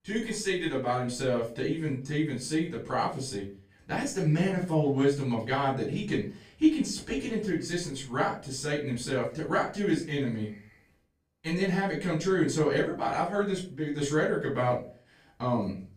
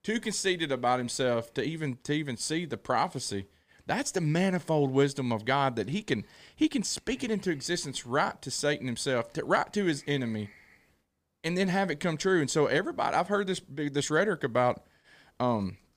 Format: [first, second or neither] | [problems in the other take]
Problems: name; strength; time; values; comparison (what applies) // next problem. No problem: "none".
second | off-mic speech; far // room echo; slight; dies away in 0.3 s